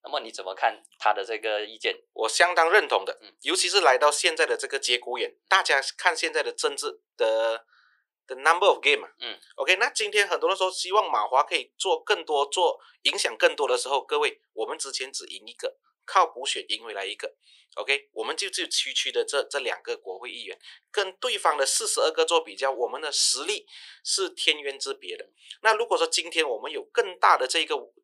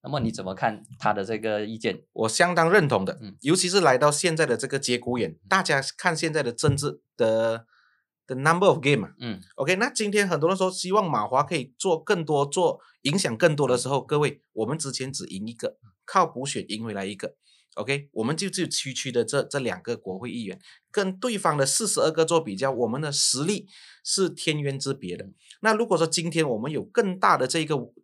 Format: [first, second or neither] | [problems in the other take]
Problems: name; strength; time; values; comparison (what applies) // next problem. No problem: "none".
second | thin; very; fading below 400 Hz